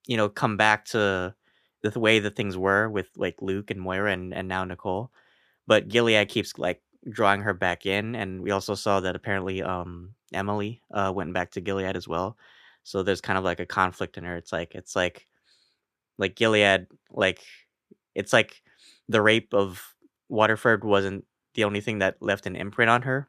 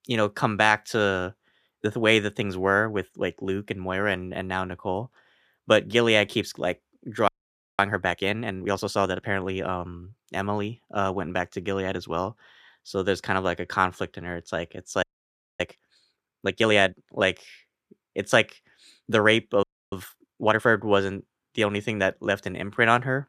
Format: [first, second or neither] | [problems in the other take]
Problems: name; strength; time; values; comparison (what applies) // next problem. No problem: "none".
first | audio freezing; at 7.5 s for 0.5 s, at 15 s for 0.5 s and at 20 s